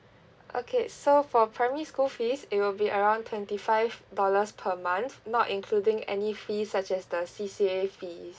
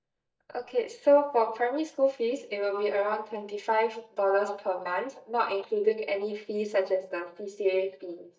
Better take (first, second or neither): first